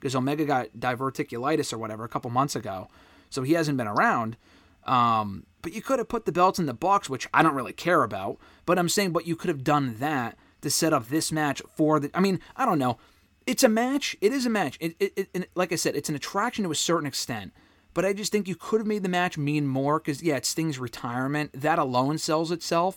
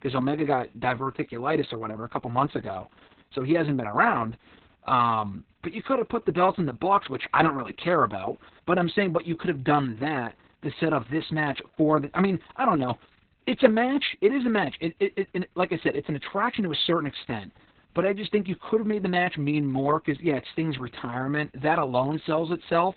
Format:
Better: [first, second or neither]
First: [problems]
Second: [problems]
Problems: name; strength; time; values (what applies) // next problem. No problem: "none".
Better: first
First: none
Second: garbled, watery; badly; nothing above 4 kHz